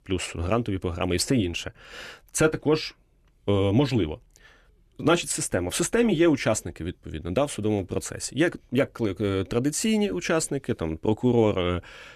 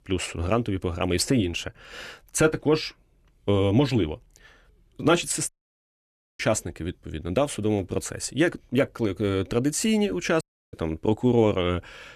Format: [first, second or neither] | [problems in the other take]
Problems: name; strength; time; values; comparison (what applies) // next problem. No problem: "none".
first | audio cutting out; at 5.5 s for 1 s and at 10 s